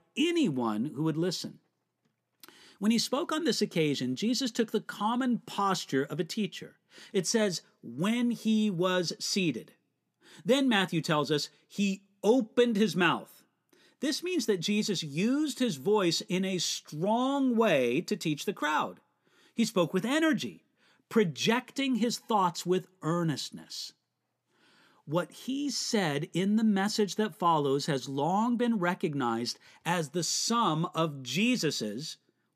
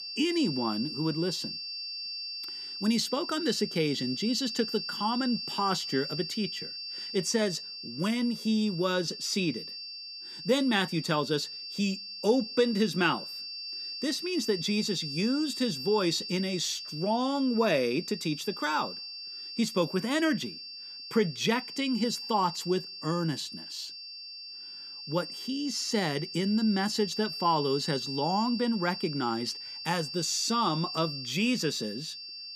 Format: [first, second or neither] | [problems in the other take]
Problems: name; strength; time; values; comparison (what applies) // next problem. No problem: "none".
first | high-pitched whine; loud; throughout; 4.5 kHz, 7 dB below the speech